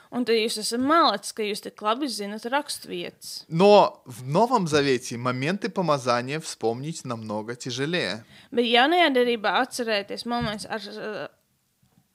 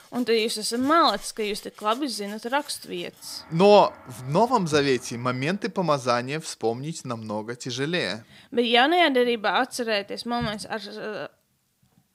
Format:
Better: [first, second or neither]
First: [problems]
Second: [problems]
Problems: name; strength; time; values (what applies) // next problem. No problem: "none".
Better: first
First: none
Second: background music; faint; until 5.5 s; 25 dB below the speech